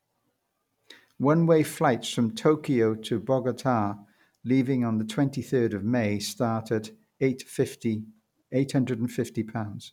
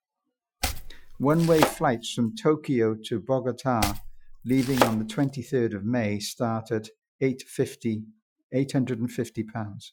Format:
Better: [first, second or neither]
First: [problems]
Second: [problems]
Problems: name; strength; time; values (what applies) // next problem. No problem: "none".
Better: first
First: none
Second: noise reduction (classical method Wiener filter)